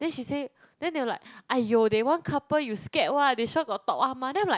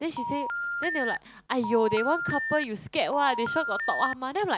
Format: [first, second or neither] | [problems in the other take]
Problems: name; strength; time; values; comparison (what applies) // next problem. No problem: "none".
first | background sound (Telephone); 4 dB below the speech